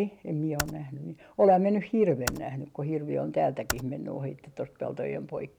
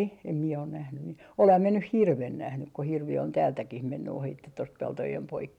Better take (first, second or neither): second